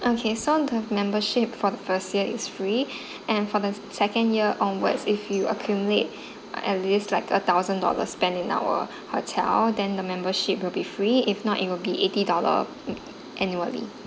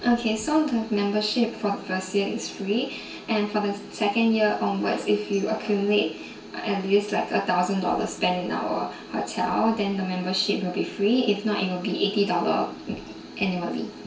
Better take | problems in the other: first | room echo; dies away in 0.4 s

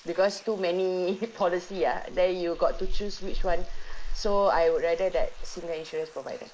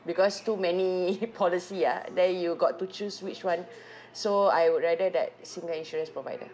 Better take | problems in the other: second | noise reduction (neural mask model Resemble Enhance denoiser)

